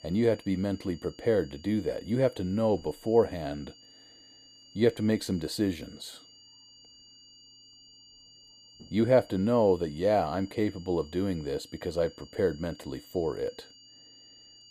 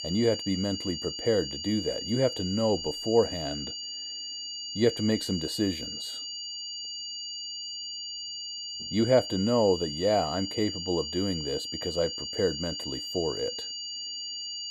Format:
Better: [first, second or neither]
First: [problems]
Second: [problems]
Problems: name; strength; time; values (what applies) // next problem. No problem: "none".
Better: first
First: high-pitched whine; faint; throughout; 4.5 kHz, 25 dB below the speech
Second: high-pitched whine; loud; throughout; 4.5 kHz, 5 dB below the speech